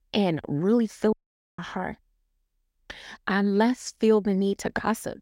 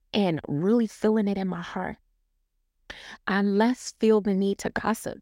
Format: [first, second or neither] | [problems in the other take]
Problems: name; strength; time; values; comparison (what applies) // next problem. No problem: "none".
second | audio cutting out; at 1 s